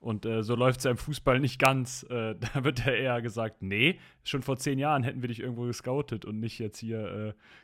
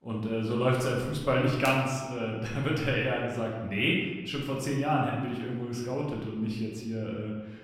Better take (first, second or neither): first